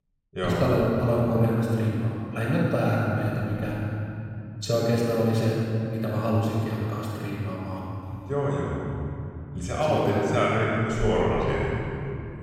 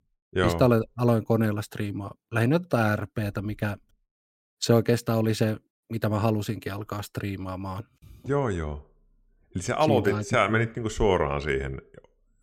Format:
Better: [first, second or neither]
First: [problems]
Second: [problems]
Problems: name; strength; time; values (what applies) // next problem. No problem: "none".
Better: second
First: off-mic speech; far // room echo; strong; dies away in 3 s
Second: none